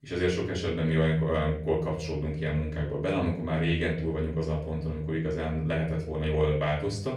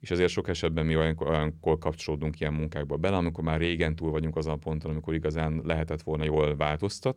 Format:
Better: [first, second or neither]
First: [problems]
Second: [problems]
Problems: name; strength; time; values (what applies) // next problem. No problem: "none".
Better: second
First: off-mic speech; far // room echo; slight; dies away in 0.5 s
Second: none